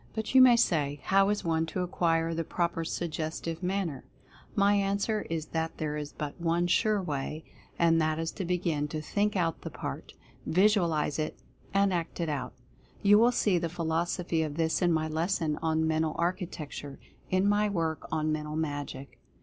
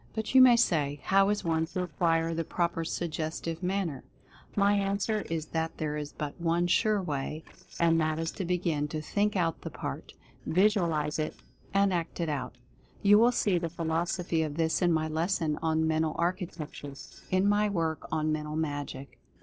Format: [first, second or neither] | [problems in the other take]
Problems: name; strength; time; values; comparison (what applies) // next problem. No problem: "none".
first | noise reduction (neural separator model SepFormer DNS4)